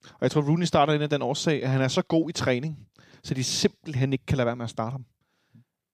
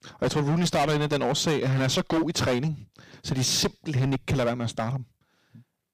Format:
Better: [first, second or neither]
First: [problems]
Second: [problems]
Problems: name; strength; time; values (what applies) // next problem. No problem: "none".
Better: first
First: none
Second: distortion; heavy; 15% of the sound clipped